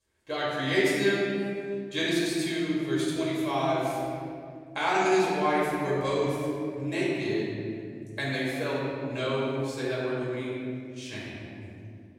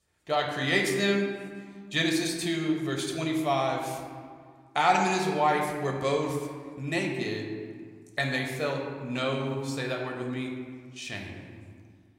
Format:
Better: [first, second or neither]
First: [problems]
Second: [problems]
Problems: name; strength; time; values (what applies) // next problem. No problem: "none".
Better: second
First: room echo; strong; dies away in 2.5 s // off-mic speech; far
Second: room echo; slight; dies away in 1.4 s